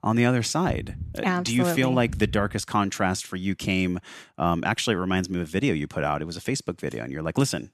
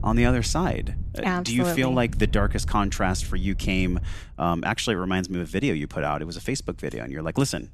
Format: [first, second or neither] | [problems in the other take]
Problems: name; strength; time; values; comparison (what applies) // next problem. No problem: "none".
first | wind noise on the microphone; occasional gusts; 20 dB below the speech